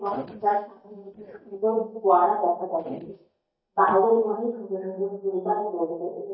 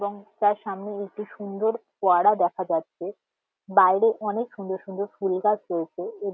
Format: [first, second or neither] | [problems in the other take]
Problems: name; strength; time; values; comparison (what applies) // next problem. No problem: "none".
second | noise reduction (neural mask model DeepFilterNet 3)